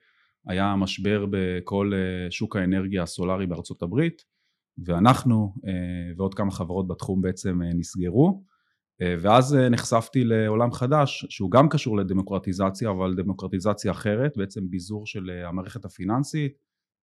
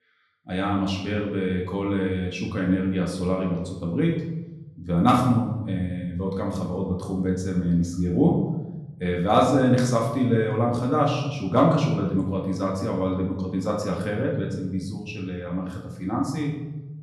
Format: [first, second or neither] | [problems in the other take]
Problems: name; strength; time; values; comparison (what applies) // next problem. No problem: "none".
first | room echo; noticeable; dies away in 0.9 s // off-mic speech; far